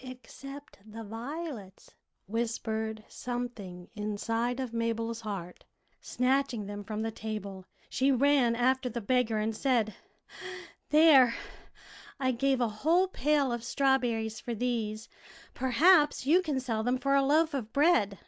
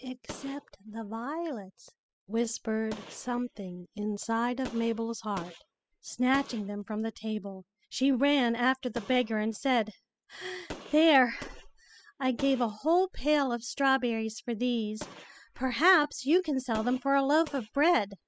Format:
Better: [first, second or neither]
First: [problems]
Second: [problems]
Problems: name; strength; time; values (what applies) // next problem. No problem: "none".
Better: first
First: none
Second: noise reduction (classical method spectral subtraction)